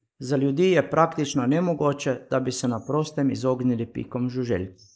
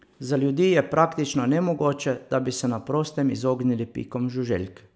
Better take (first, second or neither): second